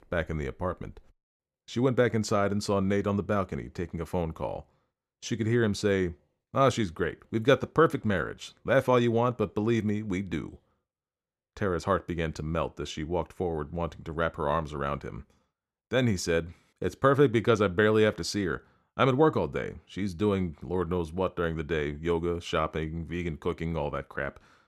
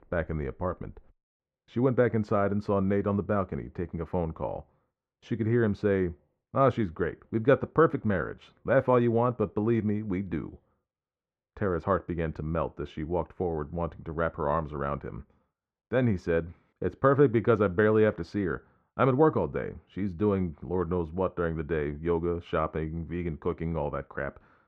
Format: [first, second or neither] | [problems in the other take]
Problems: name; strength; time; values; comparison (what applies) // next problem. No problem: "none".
first | muffled; very; fading above 4 kHz